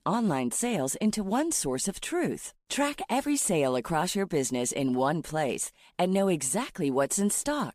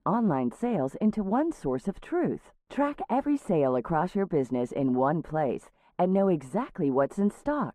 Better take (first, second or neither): first